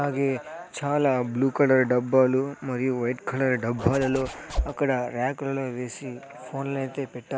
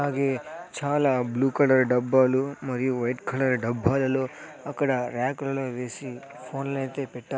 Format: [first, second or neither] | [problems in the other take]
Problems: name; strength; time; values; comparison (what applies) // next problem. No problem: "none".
second | background sound (Zipper (clothing)); 6 dB below the speech